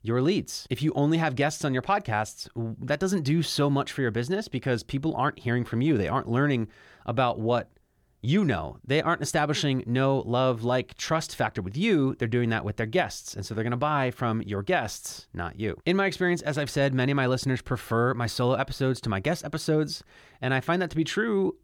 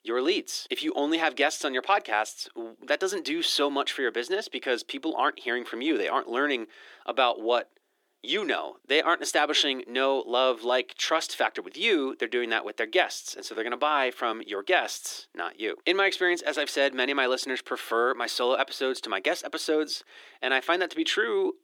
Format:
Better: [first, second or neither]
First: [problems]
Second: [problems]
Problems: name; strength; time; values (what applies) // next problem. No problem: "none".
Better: first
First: none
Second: thin; somewhat; fading below 300 Hz